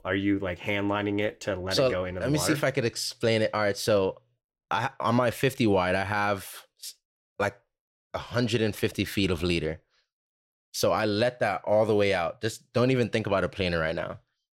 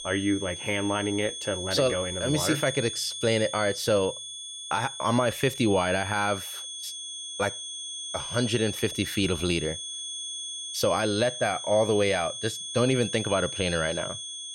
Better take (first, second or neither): first